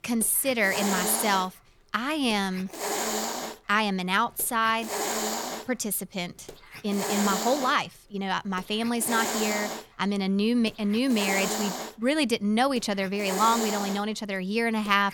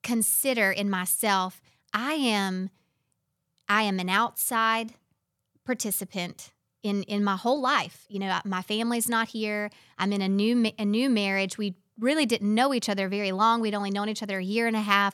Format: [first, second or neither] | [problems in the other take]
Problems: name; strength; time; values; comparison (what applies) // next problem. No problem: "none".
second | hiss; loud; throughout; 4 dB below the speech